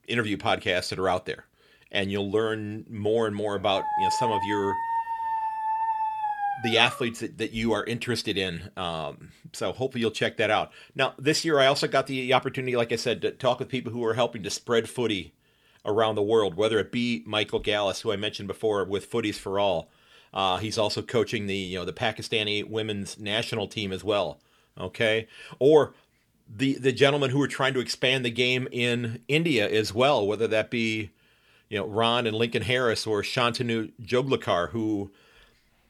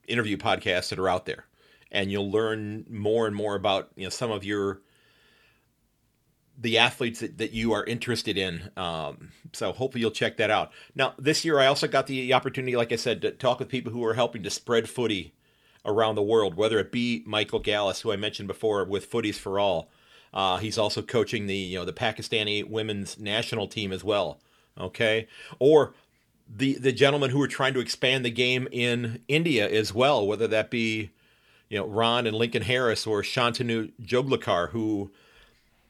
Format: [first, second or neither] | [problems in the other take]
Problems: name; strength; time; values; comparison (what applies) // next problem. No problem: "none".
second | dog barking; loud; from 3.5 to 7 s; peak 1 dB above the speech